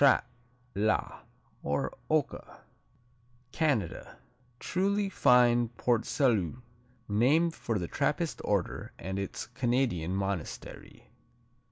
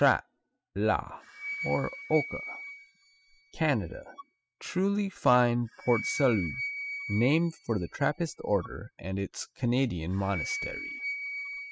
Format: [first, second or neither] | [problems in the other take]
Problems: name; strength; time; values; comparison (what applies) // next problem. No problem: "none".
first | noise reduction (classical method spectral subtraction)